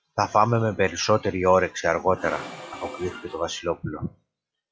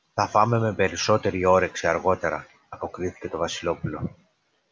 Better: second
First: noise reduction (classical method log-MMSE)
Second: none

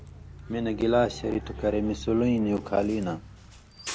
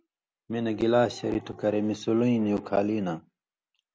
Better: second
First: background sound (Bus); 14 dB below the speech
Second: none

